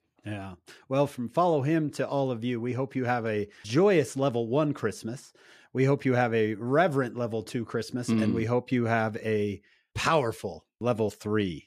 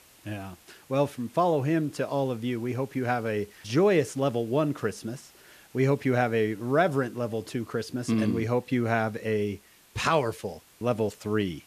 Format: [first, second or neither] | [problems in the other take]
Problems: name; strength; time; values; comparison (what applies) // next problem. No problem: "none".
first | hiss; faint; throughout; 25 dB below the speech